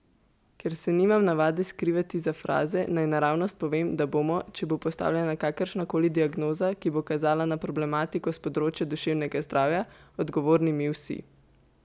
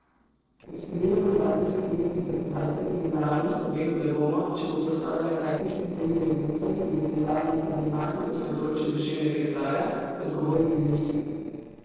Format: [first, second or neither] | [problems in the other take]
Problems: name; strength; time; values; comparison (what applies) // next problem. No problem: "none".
first | noise reduction (neural separator model SepFormer DNS4)